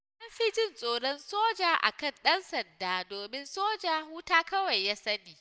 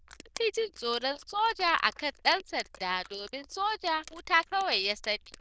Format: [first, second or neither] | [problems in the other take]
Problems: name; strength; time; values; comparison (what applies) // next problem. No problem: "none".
first | noise reduction (neural diffusion model UNIVERSE++)